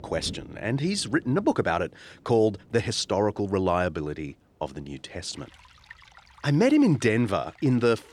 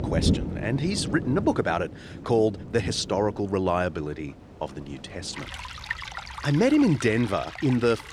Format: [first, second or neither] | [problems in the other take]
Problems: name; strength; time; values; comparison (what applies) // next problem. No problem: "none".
first | rain or running water; loud; throughout; 9 dB below the speech; faint in the first